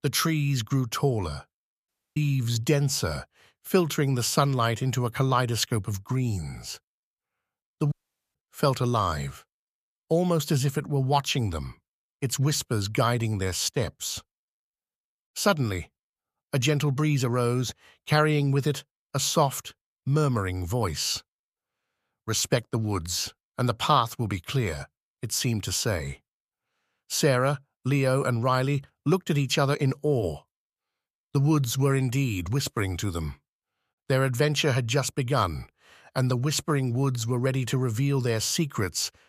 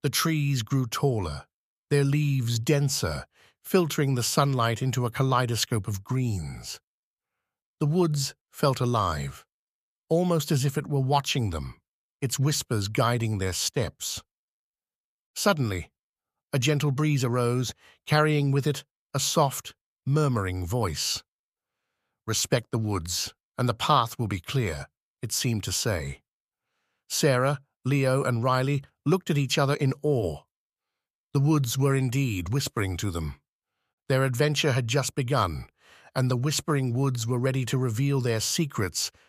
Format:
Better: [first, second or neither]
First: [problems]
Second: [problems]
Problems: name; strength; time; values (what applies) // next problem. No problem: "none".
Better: second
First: audio cutting out; at 2 s and at 8 s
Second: none